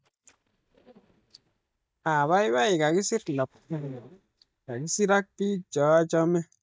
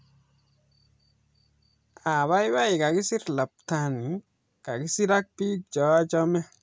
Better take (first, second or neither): second